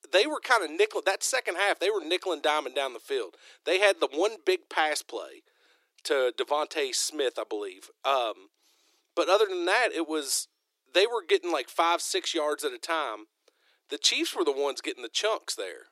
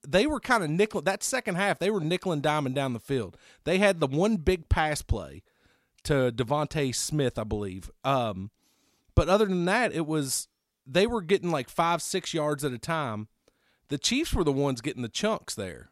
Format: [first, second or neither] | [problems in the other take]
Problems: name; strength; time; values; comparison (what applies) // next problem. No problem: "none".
second | thin; very; fading below 300 Hz